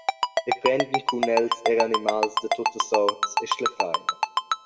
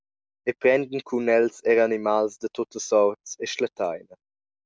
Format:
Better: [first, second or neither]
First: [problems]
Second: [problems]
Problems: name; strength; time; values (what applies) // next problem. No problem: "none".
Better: second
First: background sound (Ringtone); 1 dB above the speech // room echo; dies away in 0.9 s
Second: none